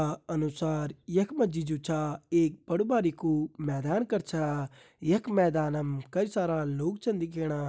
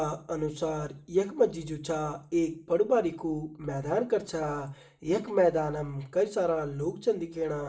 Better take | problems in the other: first | room echo; dies away in 0.4 s

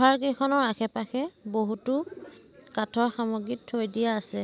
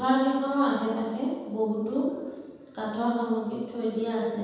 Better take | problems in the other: first | room echo; dies away in 1.2 s

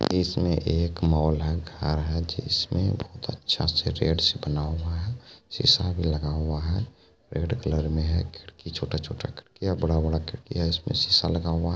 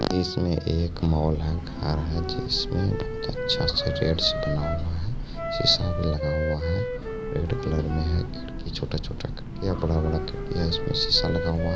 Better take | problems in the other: first | background sound (Train / Breathing + Wind instrument, woodwind instrument); 4 dB below the speech

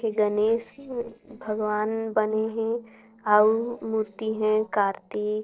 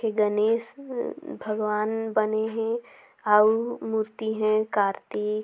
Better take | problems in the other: second | noise reduction (neural separator model SepFormer DNS4)

